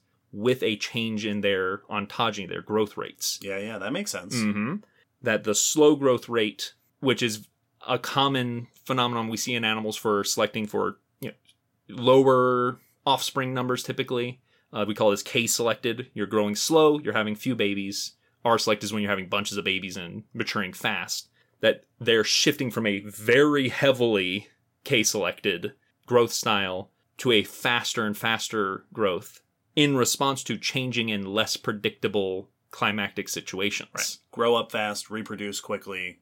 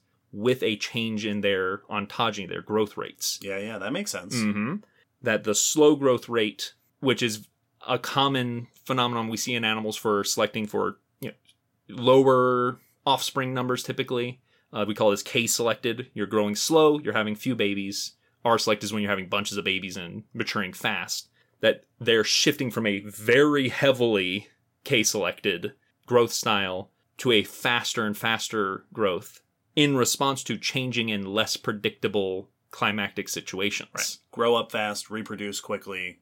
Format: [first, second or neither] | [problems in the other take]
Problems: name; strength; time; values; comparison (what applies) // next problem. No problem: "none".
neither | none